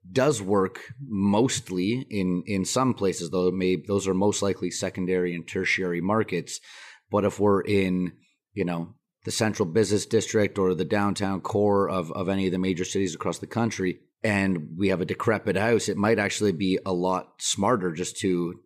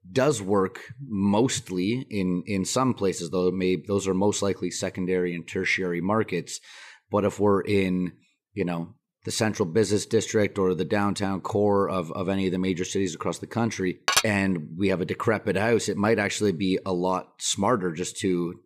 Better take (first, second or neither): first